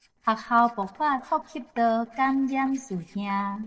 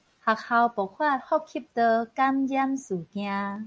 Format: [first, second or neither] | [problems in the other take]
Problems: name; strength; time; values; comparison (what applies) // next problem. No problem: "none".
second | noise reduction (neural separator model SepFormer DNS4)